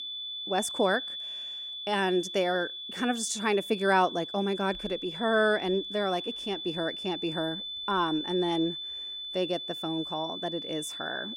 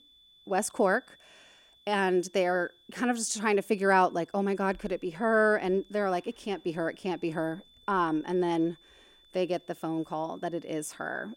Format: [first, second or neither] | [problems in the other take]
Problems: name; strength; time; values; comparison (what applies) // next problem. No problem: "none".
second | high-pitched whine; loud; throughout; 3.5 kHz, 6 dB below the speech; faint in the second